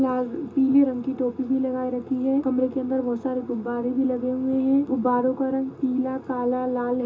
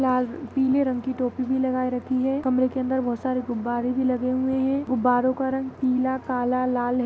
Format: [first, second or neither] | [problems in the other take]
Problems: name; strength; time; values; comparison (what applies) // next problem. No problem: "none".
second | room echo; dies away in 0.2 s